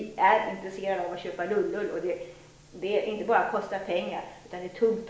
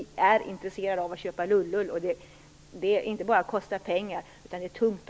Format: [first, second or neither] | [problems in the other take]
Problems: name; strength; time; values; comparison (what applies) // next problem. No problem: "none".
second | room echo; dies away in 0.7 s